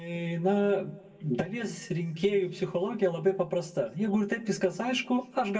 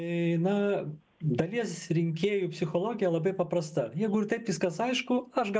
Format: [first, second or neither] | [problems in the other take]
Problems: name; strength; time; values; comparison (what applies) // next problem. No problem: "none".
second | room echo; dies away in 1.4 s